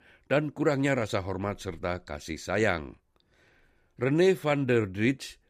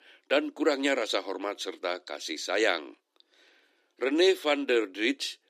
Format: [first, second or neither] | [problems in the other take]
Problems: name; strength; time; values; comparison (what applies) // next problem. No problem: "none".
first | thin; very slightly; fading below 300 Hz